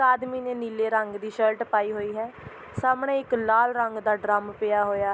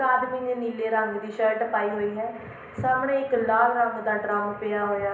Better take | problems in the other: first | room echo; dies away in 0.8 s

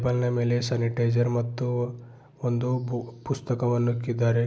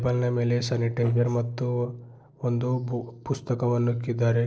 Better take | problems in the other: first | noise reduction (neural separator model SepFormer DNS4)

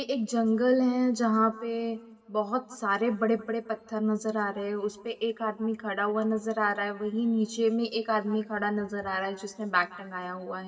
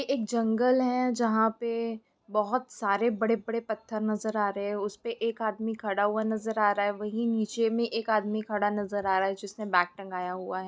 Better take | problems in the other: second | room echo; dies away in 1.9 s

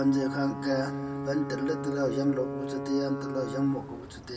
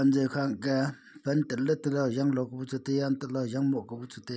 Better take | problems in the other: second | background sound (Alarm / Ocean / Boat, Water vehicle); 4 dB below the speech // room echo; dies away in 2.9 s

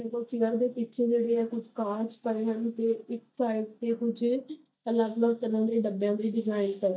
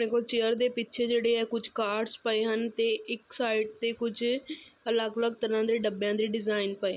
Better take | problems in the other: second | noise reduction (neural mask model DeepFilterNet 3)

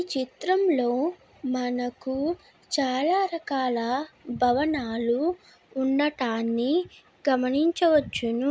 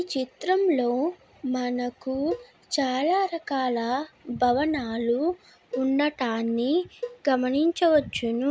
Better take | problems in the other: first | background sound (Cowbell); 16 dB below the speech

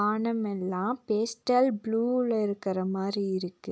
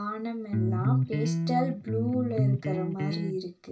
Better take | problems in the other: first | background sound (Electric guitar); 4 dB above the speech // room echo; dies away in 0.2 s

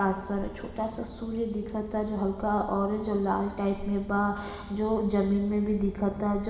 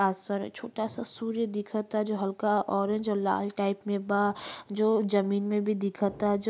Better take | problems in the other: second | background sound (Engine / Boat, Water vehicle); 14 dB below the speech // room echo; dies away in 2 s

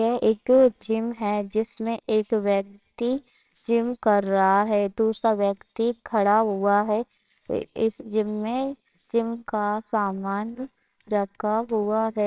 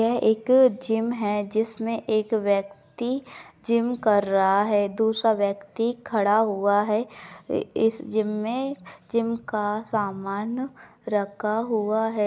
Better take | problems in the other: second | noise reduction (neural separator model SepFormer WHAMR!)

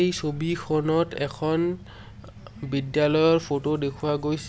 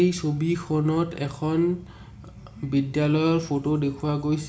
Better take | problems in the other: first | room echo; dies away in 0.4 s

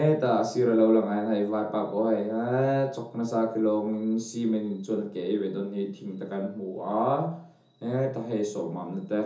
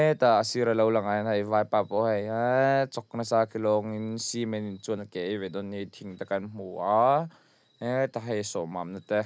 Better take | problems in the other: second | room echo; dies away in 0.6 s

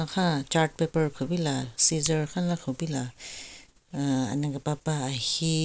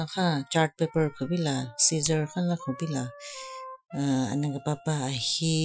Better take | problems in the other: first | noise reduction (classical method Wiener filter)

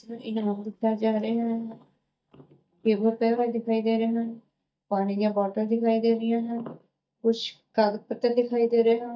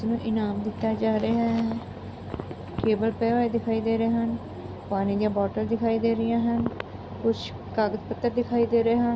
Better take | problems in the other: second | noise reduction (neural mask model DeepFilterNet 3)

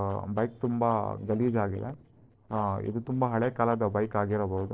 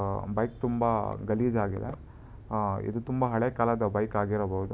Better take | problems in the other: second | noise reduction (neural separator model SepFormer DNS4)

